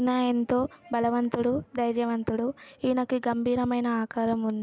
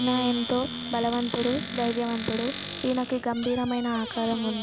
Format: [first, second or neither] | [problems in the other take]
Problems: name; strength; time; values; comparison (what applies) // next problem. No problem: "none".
first | background sound (Squeak / Cupboard open or close); 7 dB below the speech